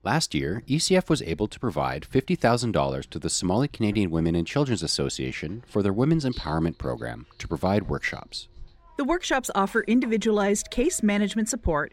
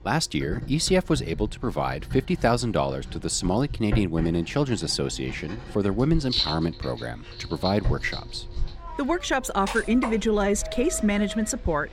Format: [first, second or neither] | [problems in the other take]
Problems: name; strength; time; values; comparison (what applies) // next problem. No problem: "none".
first | household noises; loud; throughout; 9 dB below the speech; faint in the first